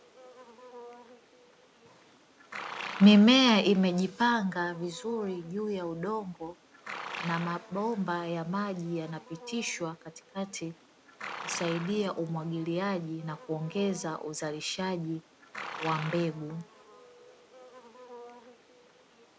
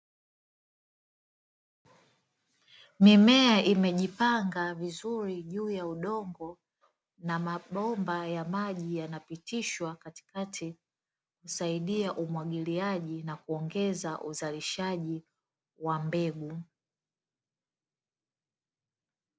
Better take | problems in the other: second | background sound (Livestock, farm animals, working animals); 15 dB below the speech

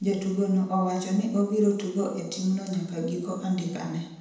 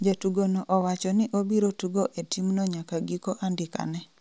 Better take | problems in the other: second | room echo; dies away in 0.9 s

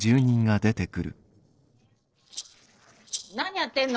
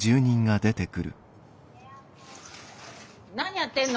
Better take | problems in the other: second | noise reduction (neural separator model SepFormer DNS4)

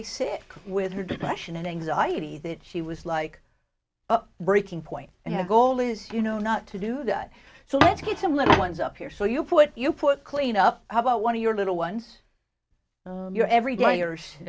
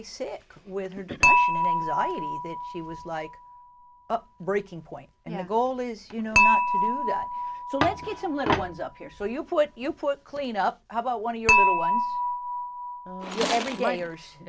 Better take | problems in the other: first | background sound (Tools + Dishes, pots, and pans / Chink, clink); 2 dB above the speech

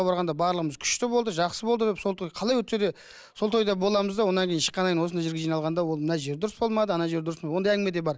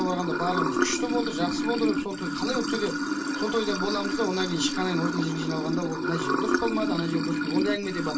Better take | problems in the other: first | background sound (Sink (filling or washing) / Water); 1 dB above the speech // room echo; dies away in 0.2 s

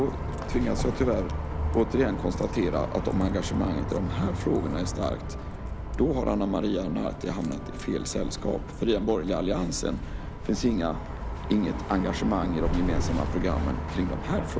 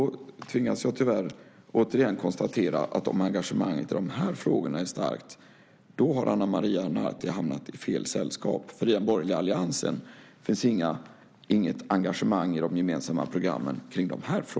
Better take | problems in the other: second | background sound (Bus); 3 dB below the speech

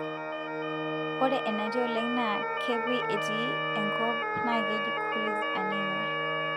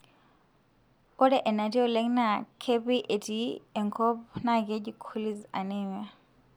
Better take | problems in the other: second | background sound (Organ + Motor vehicle (road) / Siren); 3 dB above the speech

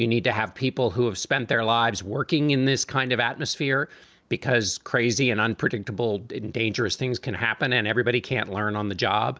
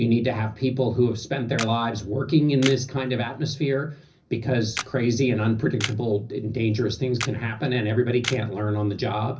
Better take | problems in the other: first | background sound (Camera); 13 dB below the speech // room echo; dies away in 0.4 s

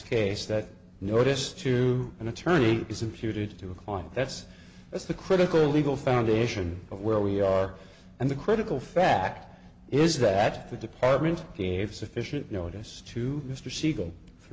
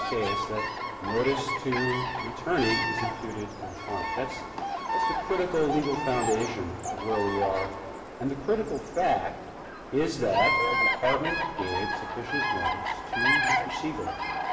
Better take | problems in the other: first | background sound (Bird vocalization, bird call, bird song); as loud as the speech // room echo; dies away in 1.7 s

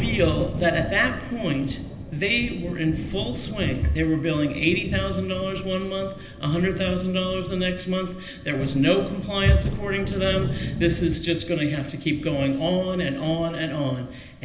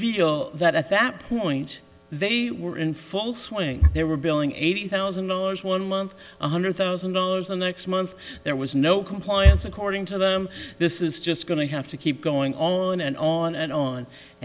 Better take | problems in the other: second | background sound (Thunder); 8 dB below the speech // room echo; dies away in 0.8 s

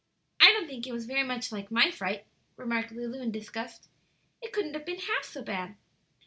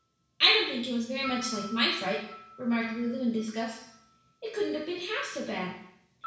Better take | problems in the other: first | background sound (Piano); 17 dB below the speech // room echo; dies away in 0.7 s

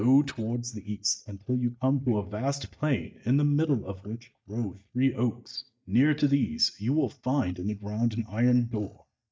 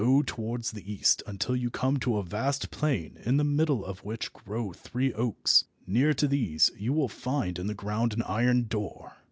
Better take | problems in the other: second | noise reduction (neural mask model DeepFilterNet 3)

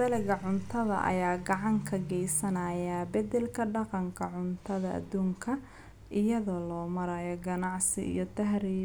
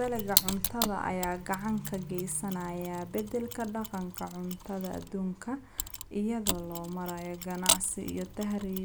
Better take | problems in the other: first | background sound (Mechanisms); 2 dB below the speech

